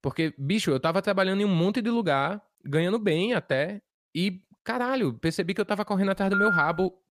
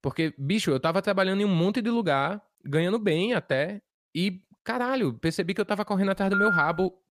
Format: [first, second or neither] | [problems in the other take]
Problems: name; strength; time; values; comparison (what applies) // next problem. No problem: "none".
neither | phone ringing; loud; at 6.5 s; peak 2 dB above the speech; the same in both